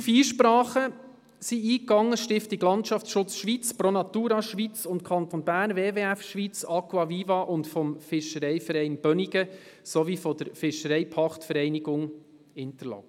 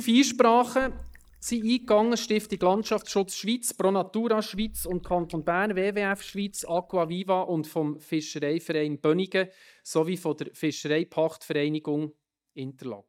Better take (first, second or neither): first